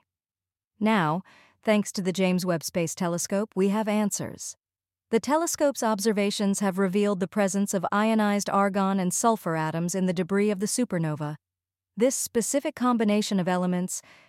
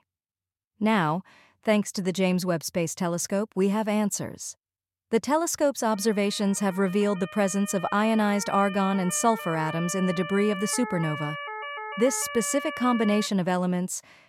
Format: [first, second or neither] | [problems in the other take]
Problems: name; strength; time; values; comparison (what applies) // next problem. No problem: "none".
first | siren; noticeable; from 6 to 13 s; peak 8 dB below the speech